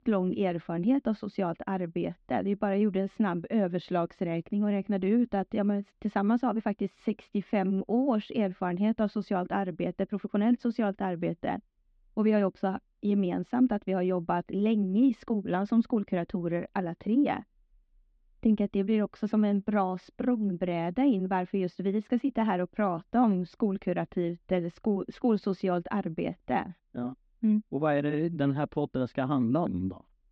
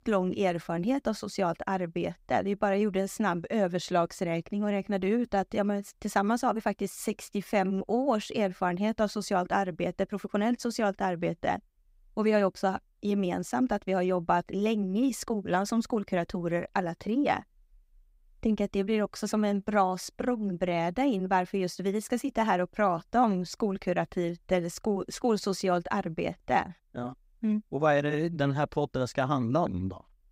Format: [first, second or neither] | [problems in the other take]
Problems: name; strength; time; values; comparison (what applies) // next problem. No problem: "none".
second | muffled; slightly; fading above 3.5 kHz